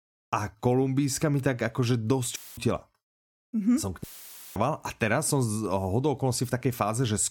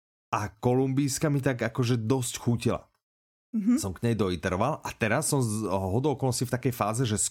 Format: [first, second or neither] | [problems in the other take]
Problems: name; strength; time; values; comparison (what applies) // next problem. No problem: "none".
second | audio cutting out; filled with static; at 2.5 s and at 4 s for 0.5 s